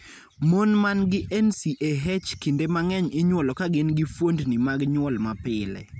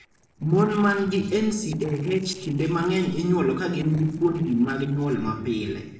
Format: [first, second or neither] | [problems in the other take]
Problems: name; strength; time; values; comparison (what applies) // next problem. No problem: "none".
first | noise reduction (neural separator model SepFormer DNS4)